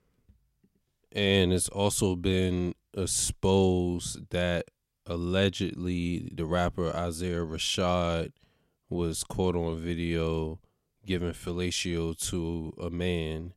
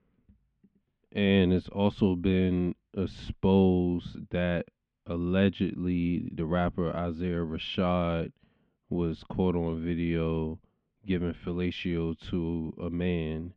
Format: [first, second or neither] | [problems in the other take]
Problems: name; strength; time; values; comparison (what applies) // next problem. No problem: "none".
first | muffled; very; fading above 3 kHz